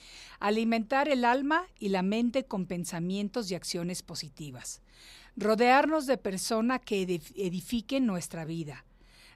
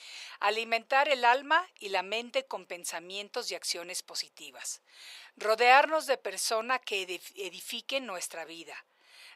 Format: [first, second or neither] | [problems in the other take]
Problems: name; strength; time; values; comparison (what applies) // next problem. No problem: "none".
first | thin; very; fading below 550 Hz